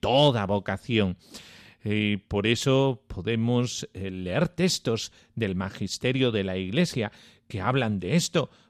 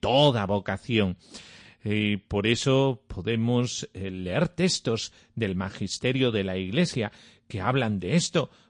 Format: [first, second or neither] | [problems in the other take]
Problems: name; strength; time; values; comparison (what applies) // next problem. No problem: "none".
first | garbled, watery; slightly; nothing above 9 kHz